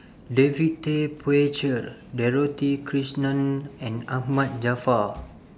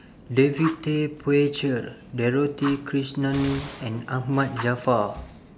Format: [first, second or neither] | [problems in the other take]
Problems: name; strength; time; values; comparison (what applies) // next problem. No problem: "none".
first | background sound (Gunshot, gunfire + Fire); 17 dB below the speech